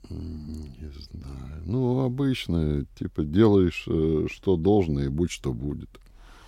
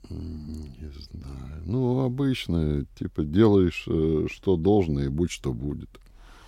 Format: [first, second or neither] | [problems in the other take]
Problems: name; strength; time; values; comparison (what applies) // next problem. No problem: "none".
neither | none